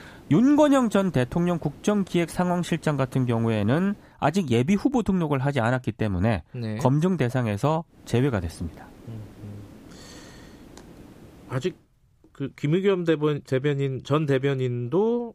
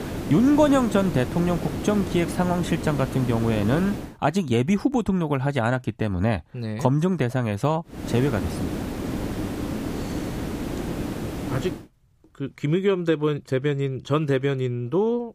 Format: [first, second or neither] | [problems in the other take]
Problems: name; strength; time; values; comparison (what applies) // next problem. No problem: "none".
first | hiss; loud; until 4 s and from 8 to 12 s; 7 dB below the speech; faint in the first